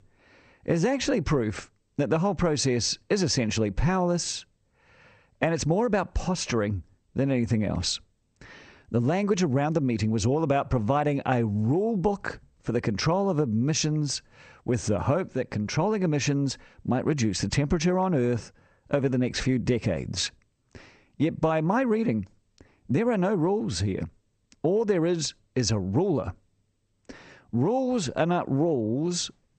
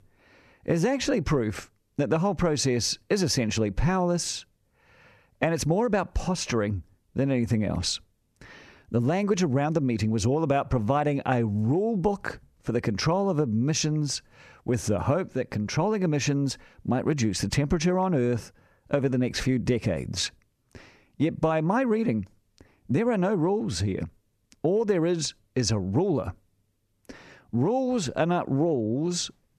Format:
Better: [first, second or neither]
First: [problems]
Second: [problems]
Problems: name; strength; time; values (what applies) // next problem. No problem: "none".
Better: second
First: garbled, watery; slightly; nothing above 8.5 kHz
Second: none